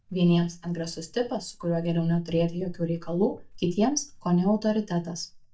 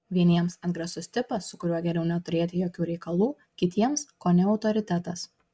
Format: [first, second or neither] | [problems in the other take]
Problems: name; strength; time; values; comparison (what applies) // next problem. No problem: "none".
second | noise reduction (neural mask model DeepFilterNet 3)